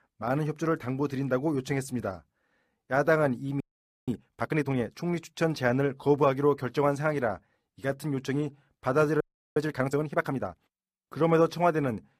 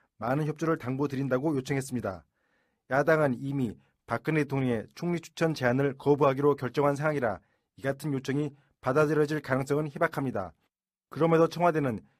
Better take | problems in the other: second | audio freezing; at 3.5 s and at 9 s

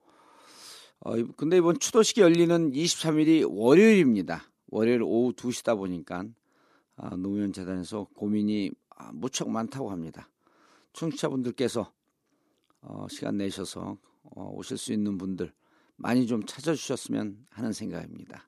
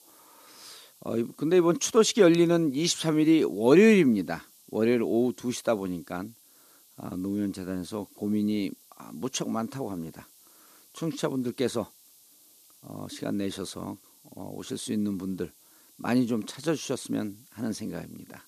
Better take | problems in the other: first | hiss; faint; throughout; 30 dB below the speech

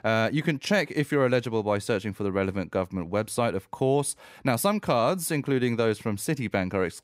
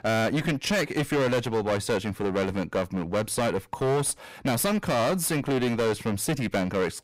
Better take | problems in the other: first | distortion; heavy; 19% of the sound clipped

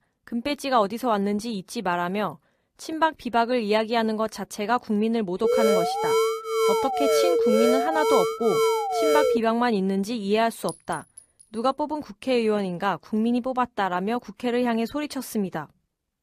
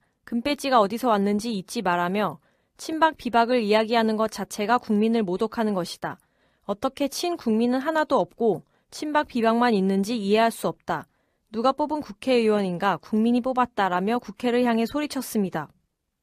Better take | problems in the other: second | alarm; loud; from 5.5 to 9.5 s; peak 5 dB above the speech // clattering dishes; faint; at 11 s; peak 15 dB below the speech

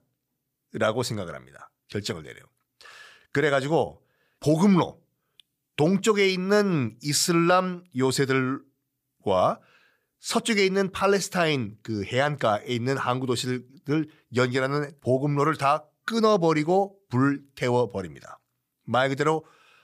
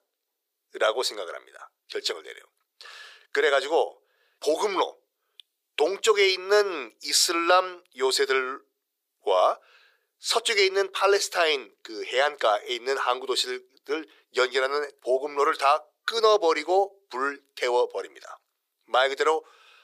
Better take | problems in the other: first | thin; very; fading below 400 Hz

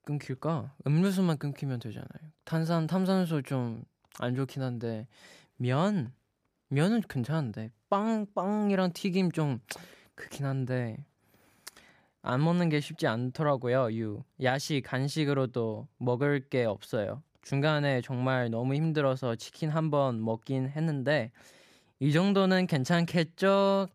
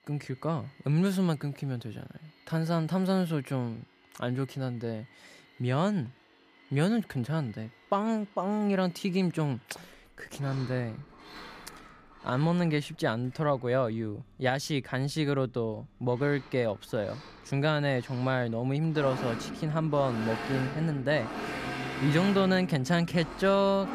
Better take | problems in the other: first | machinery noise; noticeable; throughout; 10 dB below the speech

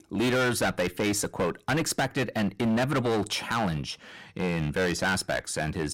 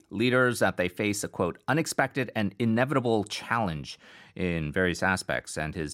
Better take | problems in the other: second | distortion; heavy; 16% of the sound clipped

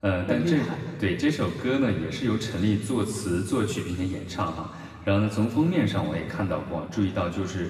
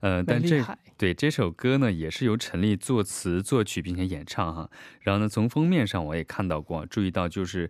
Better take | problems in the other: second | room echo; noticeable; dies away in 1.8 s // off-mic speech; far

